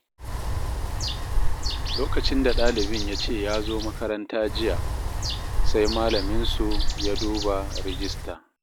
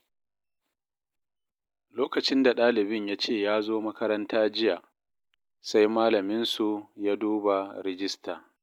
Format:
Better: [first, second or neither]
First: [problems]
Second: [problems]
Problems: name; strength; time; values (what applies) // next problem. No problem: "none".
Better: second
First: background sound (Bird); 4 dB above the speech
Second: none